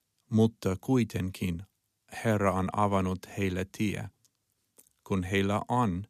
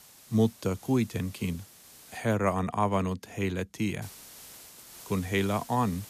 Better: first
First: none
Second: hiss; noticeable; until 2 s and from 4 s on; 20 dB below the speech

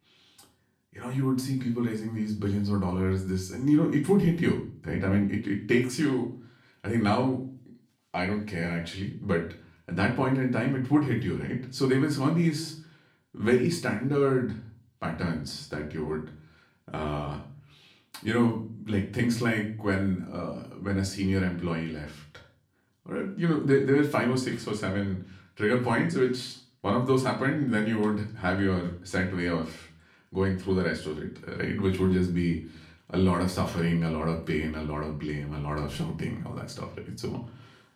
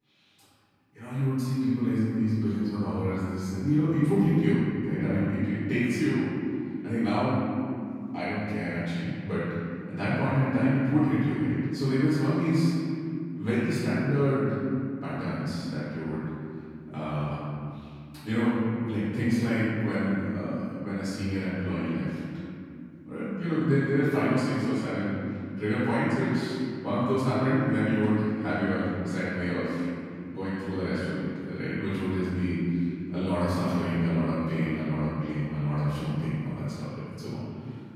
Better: first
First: room echo; slight; dies away in 0.4 s // off-mic speech; far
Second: room echo; strong; dies away in 2.9 s // off-mic speech; far

